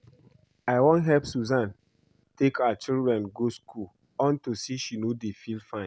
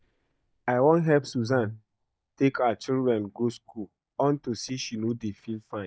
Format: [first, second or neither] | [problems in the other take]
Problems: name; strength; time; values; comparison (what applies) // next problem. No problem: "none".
first | noise reduction (neural mask model DeepFilterNet 3)